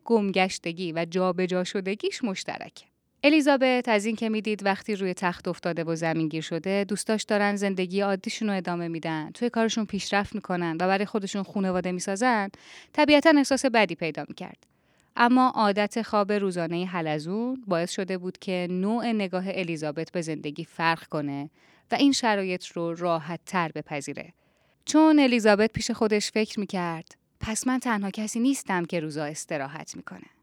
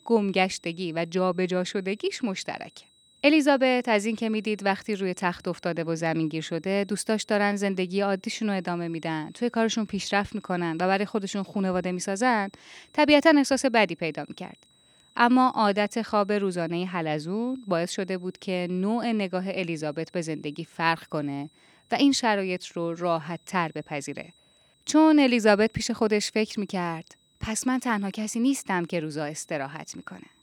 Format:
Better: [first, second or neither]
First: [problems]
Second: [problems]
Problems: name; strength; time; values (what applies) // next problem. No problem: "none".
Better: first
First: none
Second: high-pitched whine; faint; throughout; 4 kHz, 35 dB below the speech